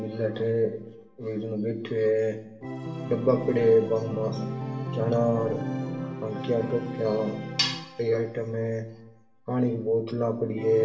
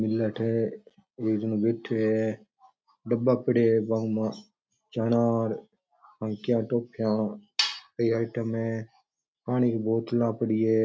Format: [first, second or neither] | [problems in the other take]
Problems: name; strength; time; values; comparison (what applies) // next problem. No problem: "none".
second | background sound (Organ); 9 dB below the speech // room echo; dies away in 0.8 s